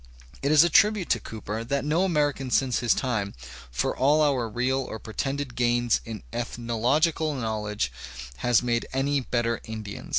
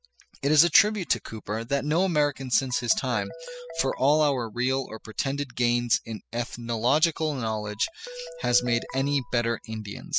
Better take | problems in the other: first | noise reduction (classical method spectral subtraction)

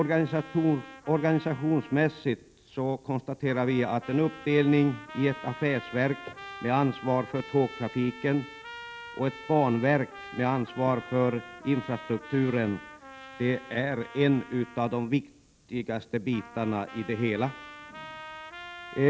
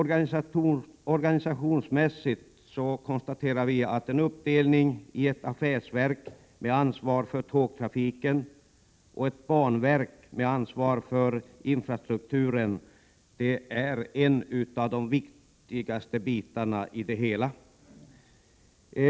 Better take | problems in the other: second | background sound (Trumpet); 17 dB below the speech

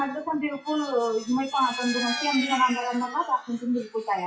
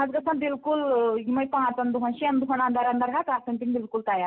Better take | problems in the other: second | noise reduction (classical method WPE with log-MMSE)

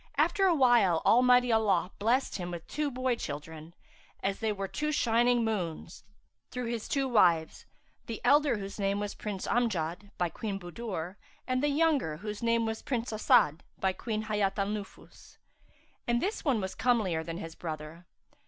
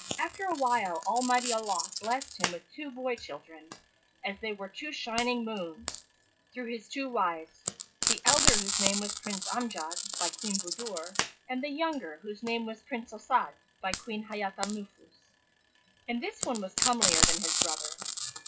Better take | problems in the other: first | noise reduction (classical method WPE with log-MMSE)

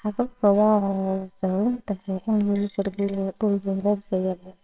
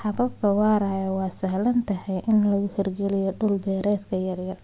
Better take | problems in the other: second | noise reduction (neural separator model SepFormer WHAMR!)

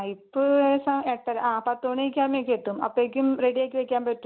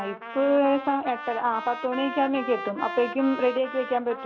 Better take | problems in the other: first | background sound (Trumpet); 11 dB below the speech

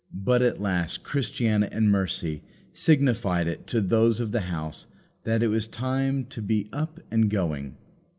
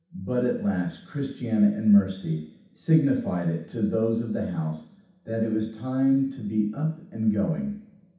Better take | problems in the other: first | room echo; dies away in 0.7 s

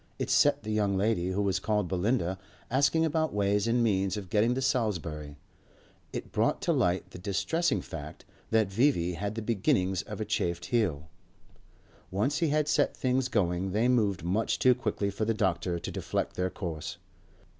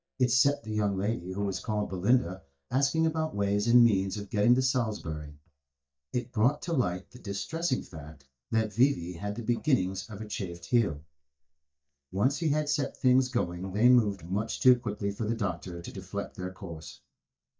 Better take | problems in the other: first | noise reduction (neural mask model DeepFilterNet 3)

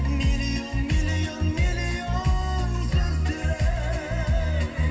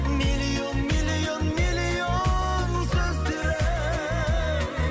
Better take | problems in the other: second | room echo; dies away in 1.4 s

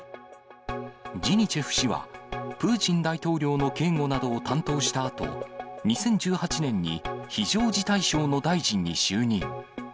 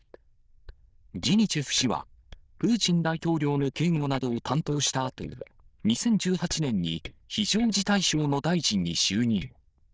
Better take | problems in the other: first | noise reduction (neural diffusion model UNIVERSE++)

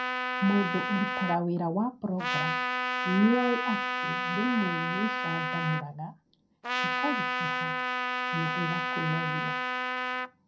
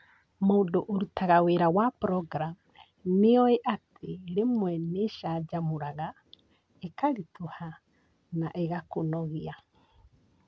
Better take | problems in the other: second | background sound (Trumpet); as loud as the speech // room echo; dies away in 0.2 s

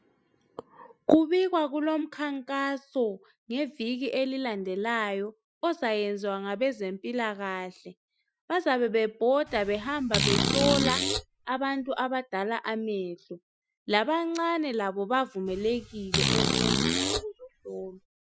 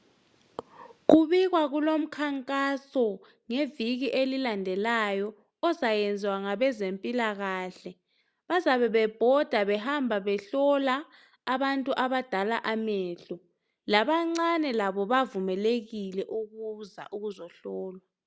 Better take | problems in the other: second | noise reduction (classical method Wiener filter)

